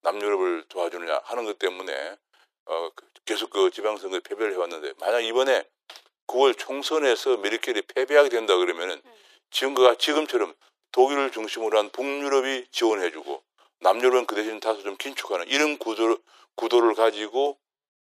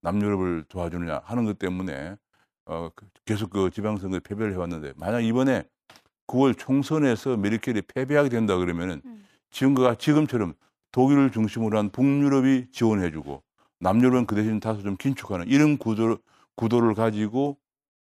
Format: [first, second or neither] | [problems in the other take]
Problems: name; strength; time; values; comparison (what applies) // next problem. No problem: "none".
second | thin; very; fading below 350 Hz